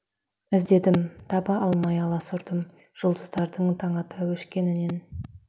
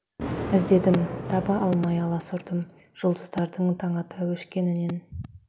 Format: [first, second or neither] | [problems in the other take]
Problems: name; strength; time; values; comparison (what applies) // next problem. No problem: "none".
first | background sound (Thunder); 11 dB below the speech